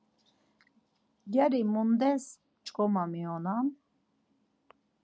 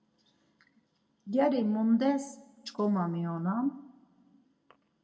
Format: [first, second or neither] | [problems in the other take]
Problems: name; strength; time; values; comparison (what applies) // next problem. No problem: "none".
first | room echo; dies away in 0.8 s